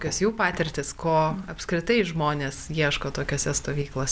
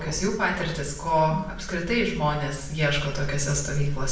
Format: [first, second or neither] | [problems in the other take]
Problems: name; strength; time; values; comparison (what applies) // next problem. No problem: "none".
first | room echo; dies away in 0.6 s